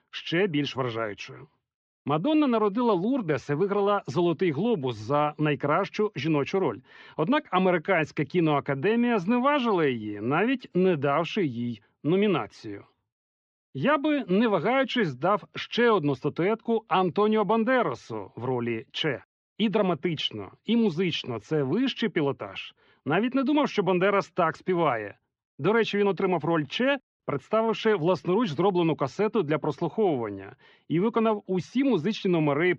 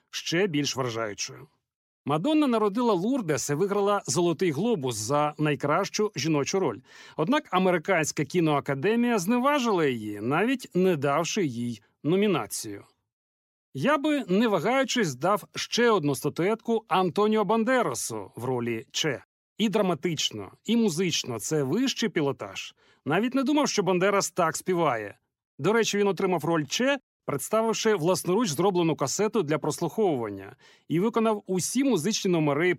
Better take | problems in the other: second | muffled; very; fading above 3.5 kHz

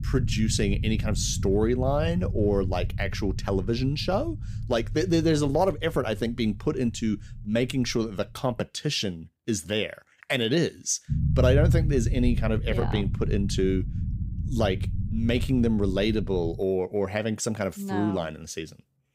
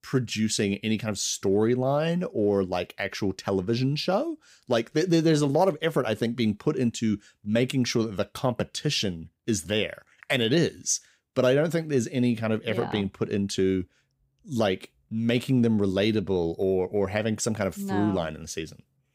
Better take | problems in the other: second | low rumble; noticeable; until 8.5 s and from 11 to 17 s; 15 dB below the speech

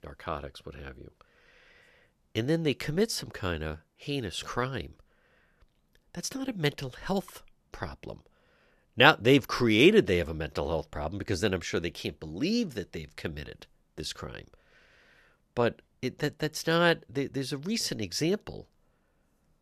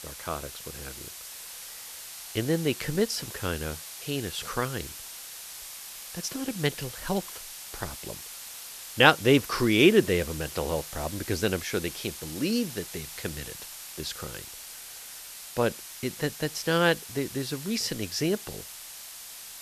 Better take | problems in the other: first | hiss; noticeable; throughout; 10 dB below the speech

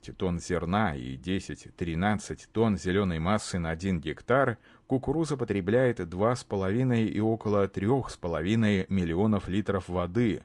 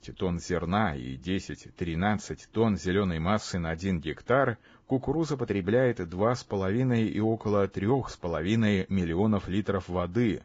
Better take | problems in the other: first | garbled, watery; badly; nothing above 7.5 kHz; slightly in the first

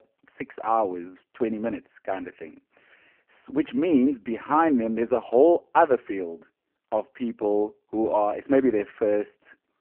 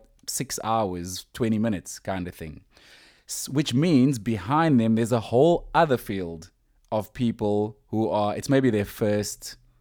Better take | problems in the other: second | phone-call audio; poor line

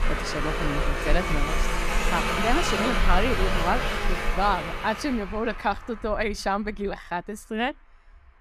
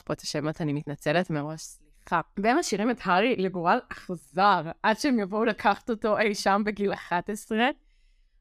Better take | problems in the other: second | traffic noise; very loud; throughout; 1 dB above the speech

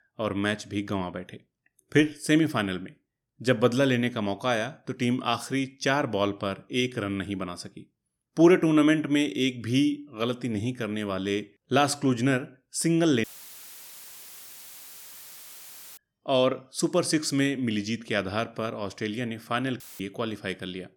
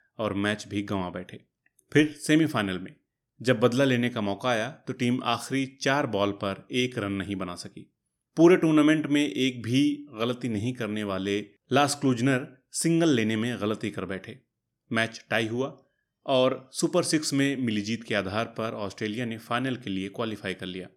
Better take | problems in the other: second | audio cutting out; filled with static; at 13 s for 2.5 s and at 20 s

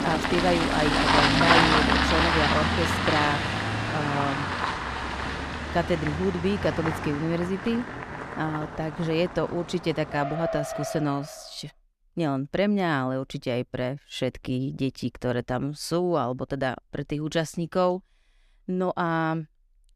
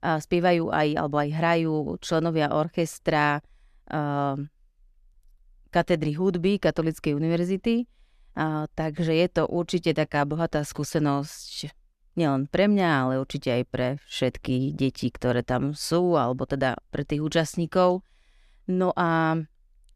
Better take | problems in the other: second | traffic noise; very loud; until 11 s; 3 dB above the speech

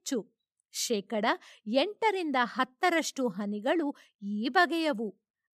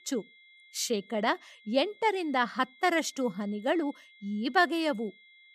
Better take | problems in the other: first | high-pitched whine; faint; throughout; 2 kHz, 25 dB below the speech

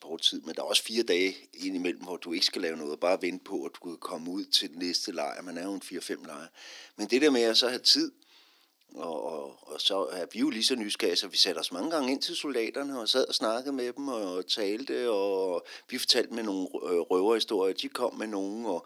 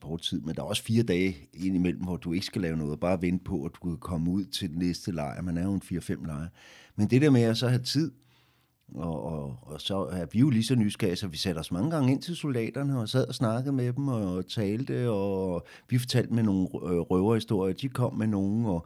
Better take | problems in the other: second | thin; somewhat; fading below 300 Hz

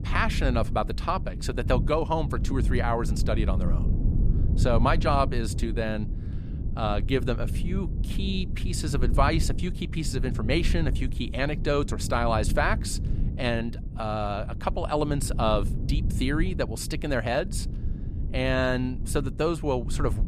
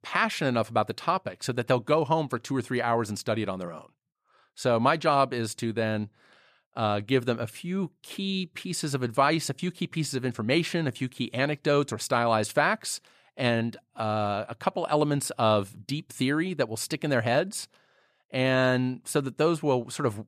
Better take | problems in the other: second | low rumble; noticeable; throughout; 15 dB below the speech

